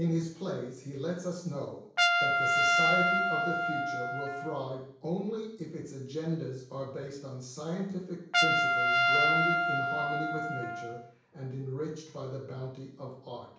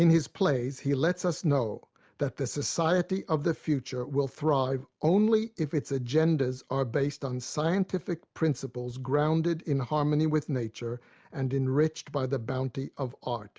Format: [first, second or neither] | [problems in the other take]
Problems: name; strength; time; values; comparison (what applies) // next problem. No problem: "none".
second | background sound (Trumpet); 5 dB above the speech // room echo; dies away in 0.7 s